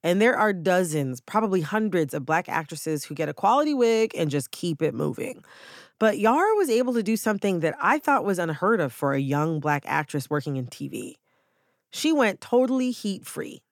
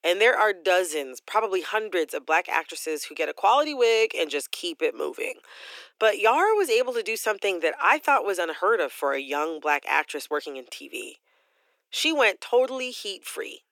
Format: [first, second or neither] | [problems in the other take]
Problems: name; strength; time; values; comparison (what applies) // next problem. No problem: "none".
first | thin; very; fading below 350 Hz